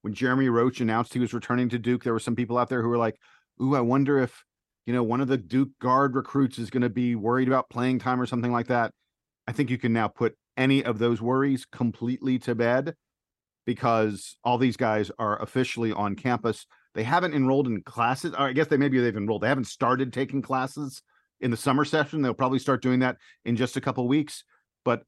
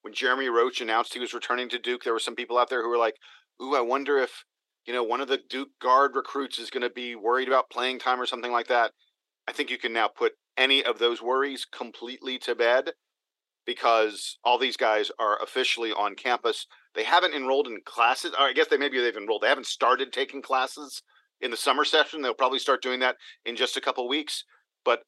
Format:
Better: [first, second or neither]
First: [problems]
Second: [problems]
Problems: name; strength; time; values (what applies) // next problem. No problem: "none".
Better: first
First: none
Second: thin; very; fading below 400 Hz